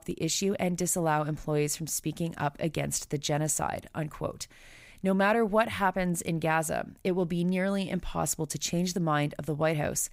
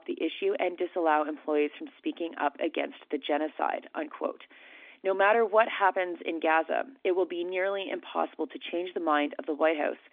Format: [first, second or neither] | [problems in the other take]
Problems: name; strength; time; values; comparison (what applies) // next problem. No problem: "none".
first | phone-call audio; nothing above 3.5 kHz